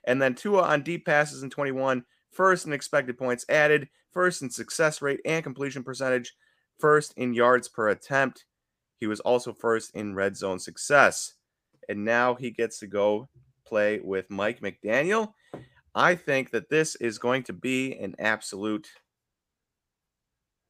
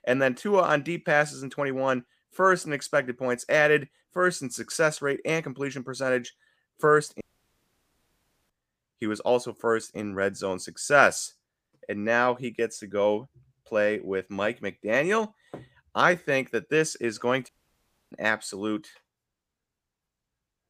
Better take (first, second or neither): first